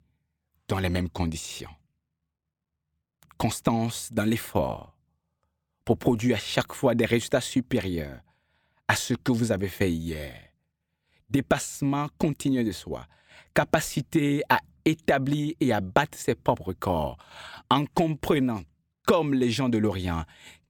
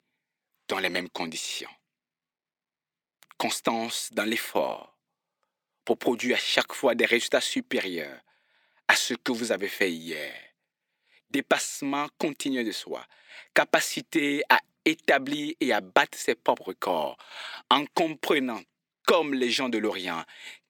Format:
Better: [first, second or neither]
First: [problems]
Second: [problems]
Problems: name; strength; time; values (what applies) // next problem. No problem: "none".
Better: first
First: none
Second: thin; somewhat; fading below 300 Hz